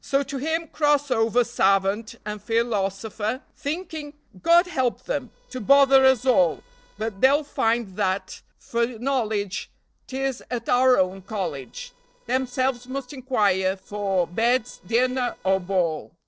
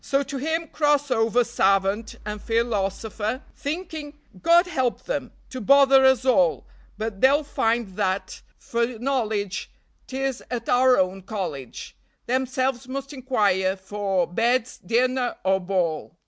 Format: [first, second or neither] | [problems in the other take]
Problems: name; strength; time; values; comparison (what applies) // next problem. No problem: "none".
second | noise reduction (neural separator model SepFormer DNS4)